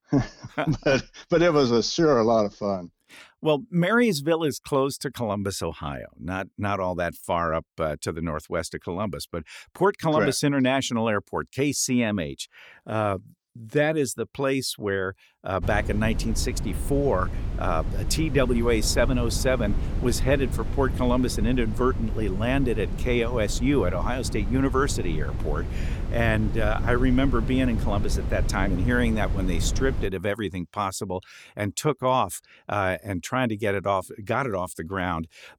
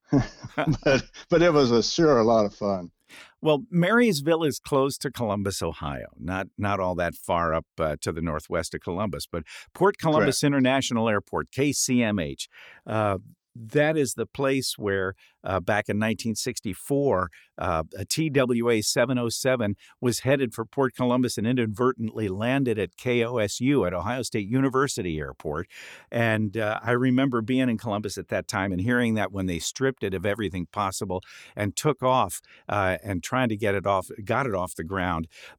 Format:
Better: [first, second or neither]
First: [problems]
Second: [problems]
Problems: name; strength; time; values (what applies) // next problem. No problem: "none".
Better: second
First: wind noise on the microphone; occasional gusts; from 16 to 30 s; 15 dB below the speech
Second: none